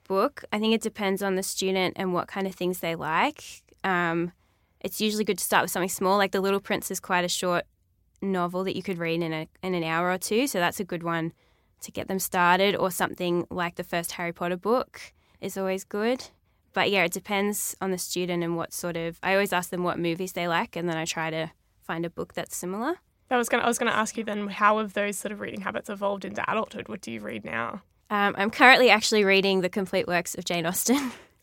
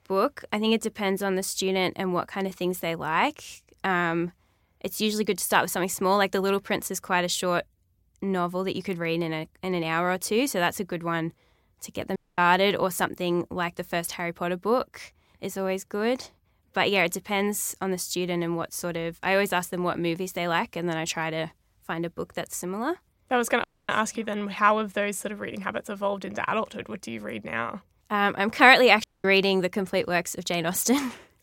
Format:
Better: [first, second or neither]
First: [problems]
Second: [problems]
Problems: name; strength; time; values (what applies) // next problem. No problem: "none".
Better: first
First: none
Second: audio cutting out; at 12 s, at 24 s and at 29 s